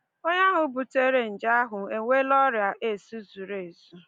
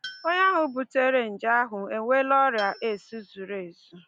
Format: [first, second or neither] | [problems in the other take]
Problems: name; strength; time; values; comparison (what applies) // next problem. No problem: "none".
first | background sound (Tools); 18 dB below the speech